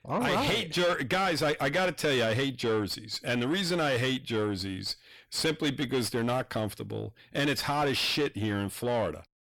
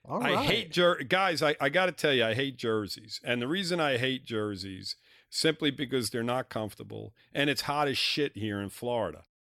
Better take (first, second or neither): second